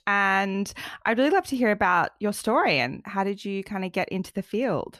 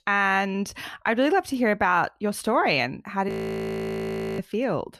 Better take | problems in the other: first | audio freezing; at 3.5 s for 1 s

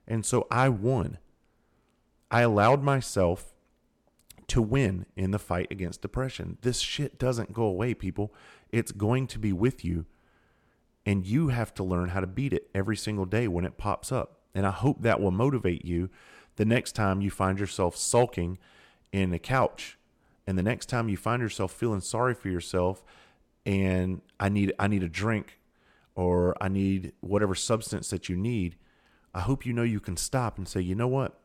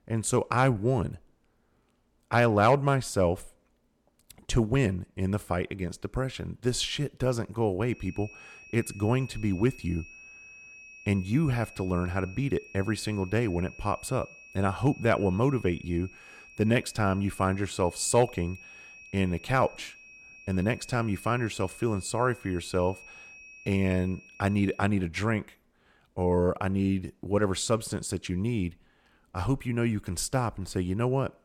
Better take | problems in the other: first | high-pitched whine; noticeable; from 8 to 25 s; 2.5 kHz, 20 dB below the speech

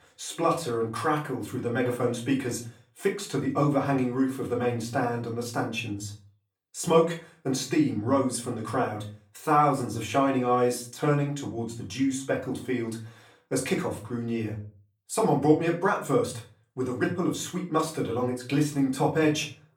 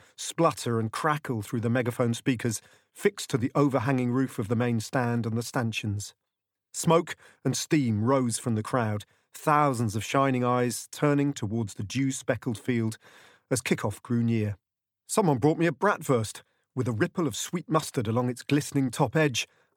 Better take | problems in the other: second | off-mic speech; far // room echo; slight; dies away in 0.3 s

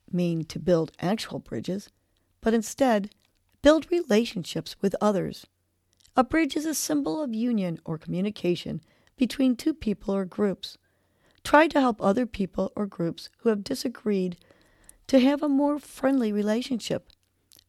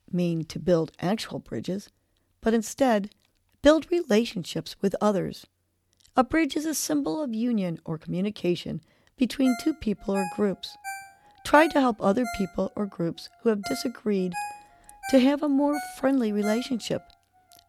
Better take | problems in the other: first | phone ringing; noticeable; from 9.5 to 17 s; peak 9 dB below the speech

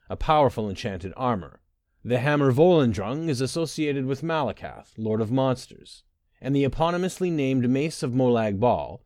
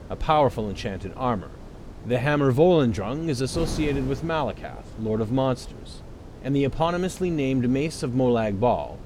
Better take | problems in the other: first | wind noise on the microphone; occasional gusts; 20 dB below the speech

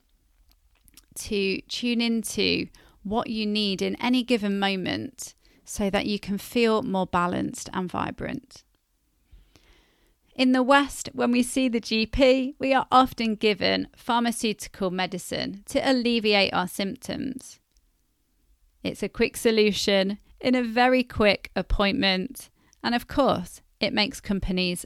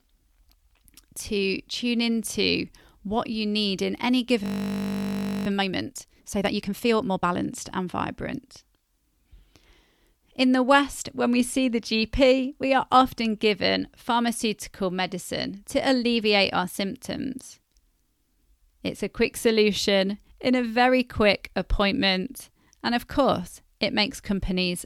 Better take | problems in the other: first | audio freezing; at 4.5 s for 1 s

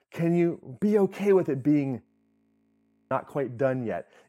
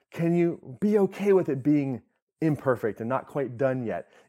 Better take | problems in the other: second | audio freezing; at 2 s for 1 s

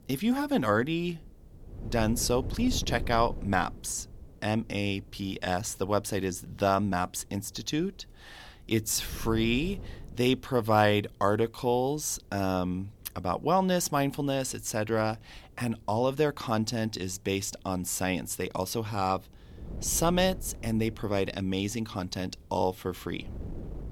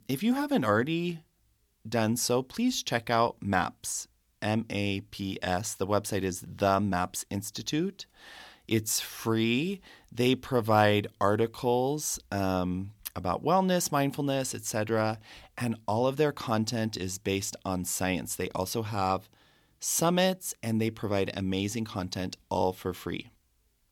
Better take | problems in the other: second | wind noise on the microphone; occasional gusts; 20 dB below the speech

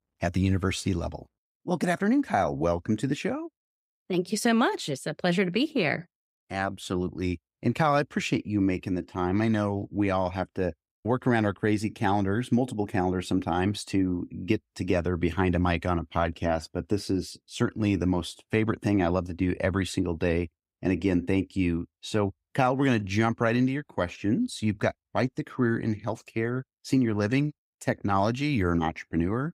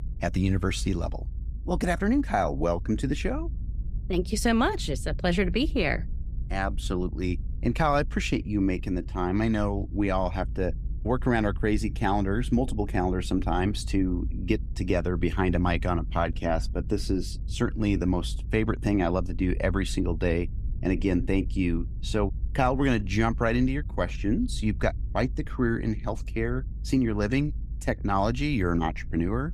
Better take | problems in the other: first | low rumble; faint; throughout; 25 dB below the speech

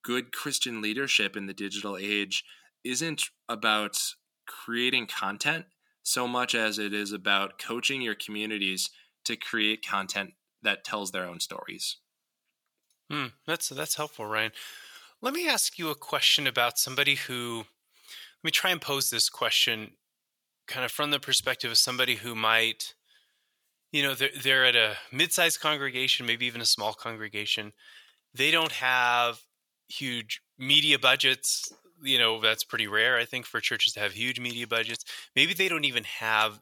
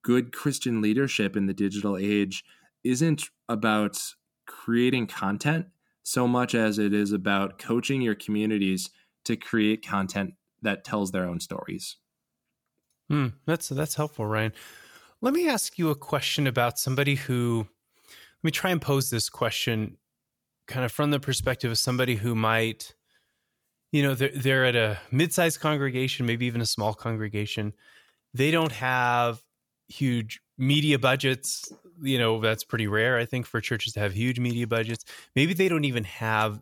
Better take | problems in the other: second | thin; somewhat; fading below 1 kHz

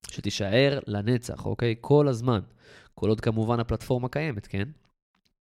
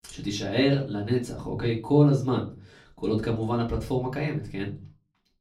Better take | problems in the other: first | off-mic speech; far // room echo; very slight; dies away in 0.3 s

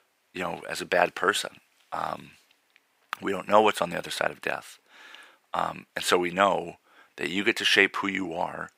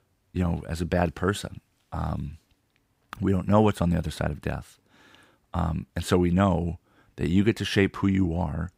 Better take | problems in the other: second | thin; very; fading below 500 Hz

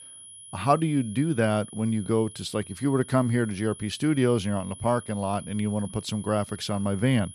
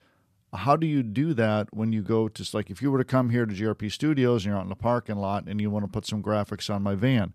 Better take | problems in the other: second | high-pitched whine; noticeable; throughout; 10.5 kHz, 15 dB below the speech

